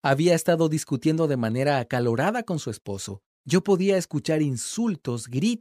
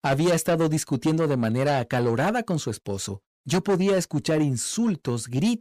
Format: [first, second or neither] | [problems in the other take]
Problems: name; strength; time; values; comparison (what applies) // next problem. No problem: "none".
first | distortion; slight; 10 dB below the speech